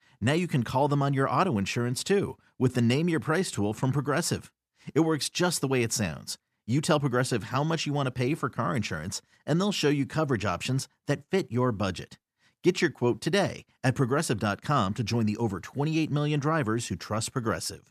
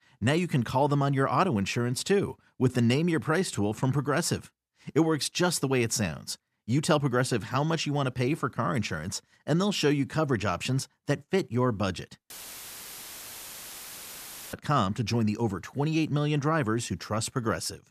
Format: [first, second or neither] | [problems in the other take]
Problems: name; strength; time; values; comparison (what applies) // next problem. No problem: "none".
first | audio cutting out; filled with static; at 12 s for 2 s